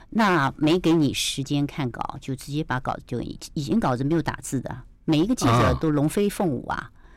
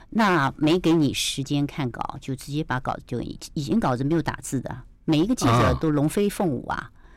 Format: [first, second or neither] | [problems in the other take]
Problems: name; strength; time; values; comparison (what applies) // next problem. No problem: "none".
neither | distortion; slight; 5% of the sound clipped; the same in both